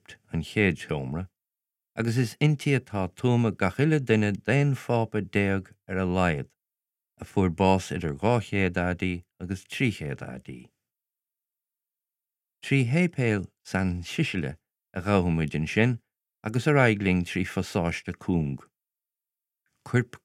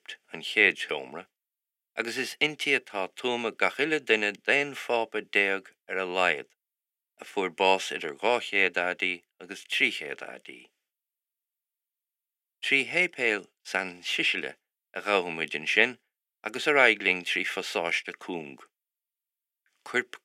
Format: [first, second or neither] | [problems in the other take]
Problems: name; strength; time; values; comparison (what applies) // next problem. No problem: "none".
first | thin; very; fading below 400 Hz